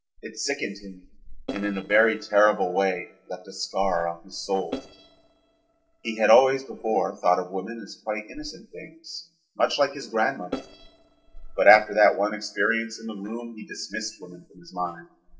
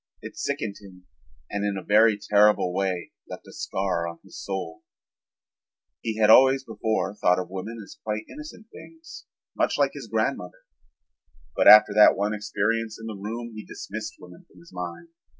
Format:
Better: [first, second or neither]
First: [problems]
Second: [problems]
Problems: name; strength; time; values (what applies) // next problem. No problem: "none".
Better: second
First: noise reduction (neural separator model SepFormer DNS4)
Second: none